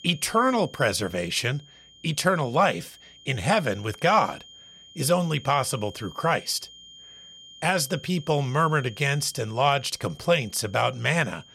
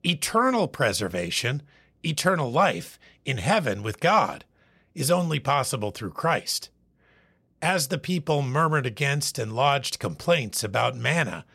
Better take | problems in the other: second | high-pitched whine; faint; throughout; 3 kHz, 20 dB below the speech

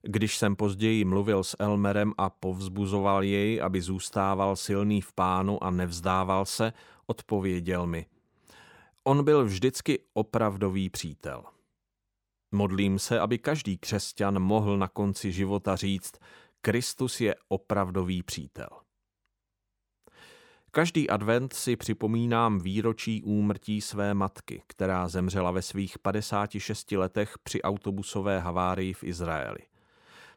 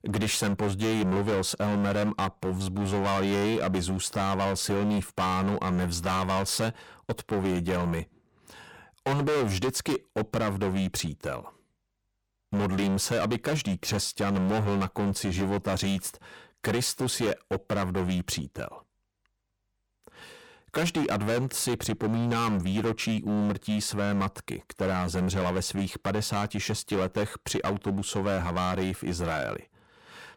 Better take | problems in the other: first | distortion; heavy; 20% of the sound clipped

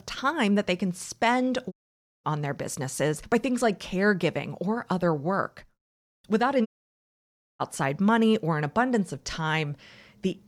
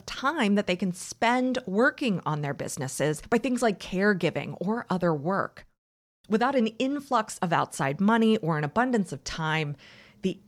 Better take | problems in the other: second | audio cutting out; at 1.5 s for 0.5 s and at 6.5 s for 1 s

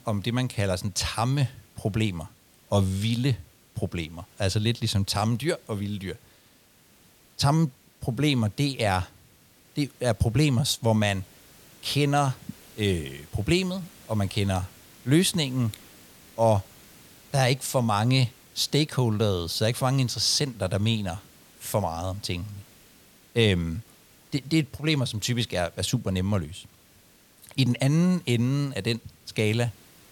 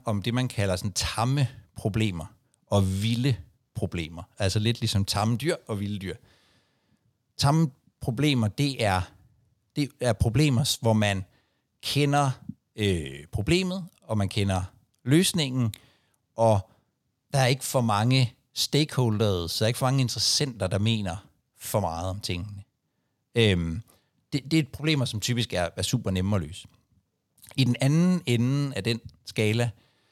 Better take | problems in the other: second | hiss; faint; throughout; 25 dB below the speech

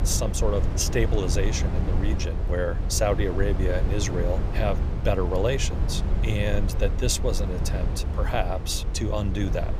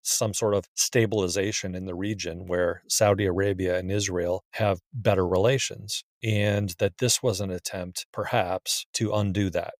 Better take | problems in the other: second | low rumble; loud; throughout; 9 dB below the speech

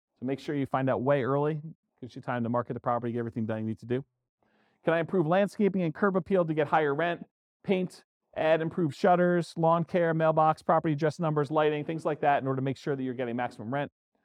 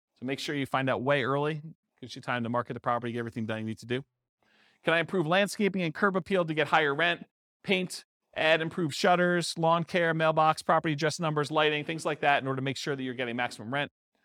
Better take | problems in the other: second | muffled; slightly; fading above 1.5 kHz

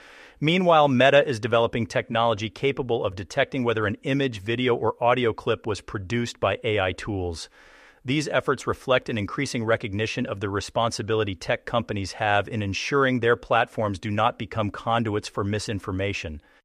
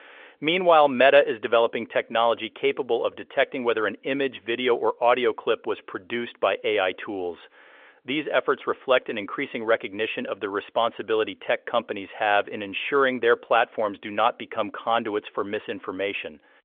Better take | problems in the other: first | phone-call audio; nothing above 3.5 kHz

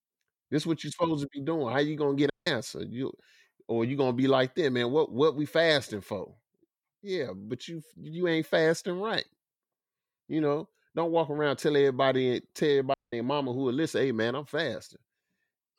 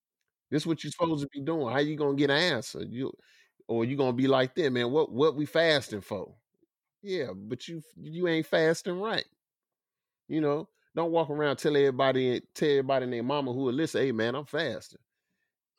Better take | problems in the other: second | audio cutting out; at 2.5 s and at 13 s

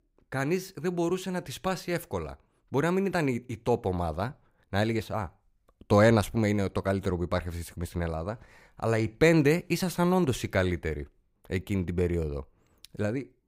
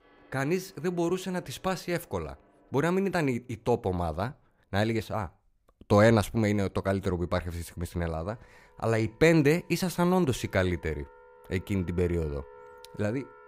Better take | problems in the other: first | background music; faint; throughout; 25 dB below the speech

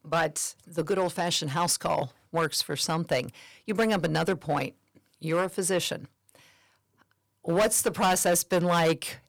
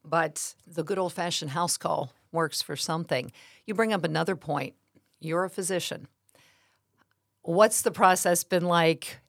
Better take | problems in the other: second | distortion; heavy; 6% of the sound clipped

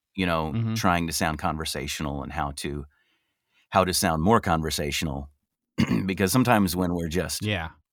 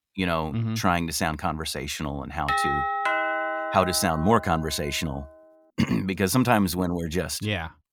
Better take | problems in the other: first | doorbell; loud; from 2.5 to 4.5 s; peak 1 dB above the speech

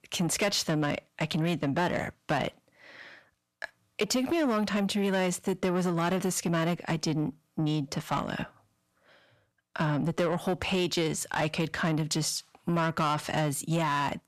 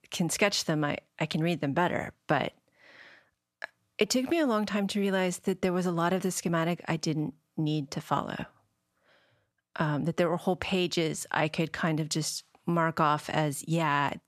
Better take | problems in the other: second | distortion; slight; 10 dB below the speech

